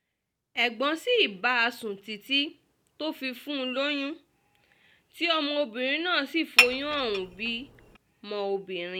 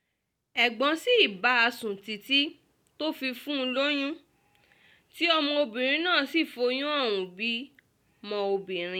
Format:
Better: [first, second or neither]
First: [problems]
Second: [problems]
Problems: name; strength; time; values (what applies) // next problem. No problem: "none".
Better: second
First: background sound (Dishes, pots, and pans / Chink, clink); 3 dB above the speech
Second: none